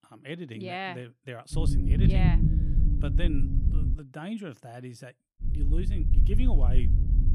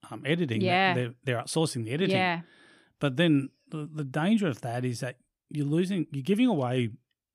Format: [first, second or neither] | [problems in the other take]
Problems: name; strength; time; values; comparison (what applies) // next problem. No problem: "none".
second | low rumble; loud; from 1.5 to 4 s and from 5.5 s on; 2 dB below the speech